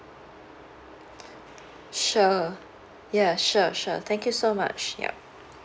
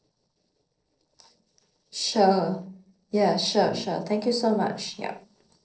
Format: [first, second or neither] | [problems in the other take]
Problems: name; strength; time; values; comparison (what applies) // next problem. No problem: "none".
first | noise reduction (neural separator model SepFormer DNS4)